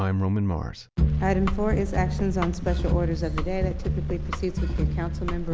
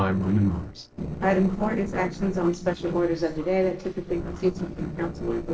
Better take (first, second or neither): first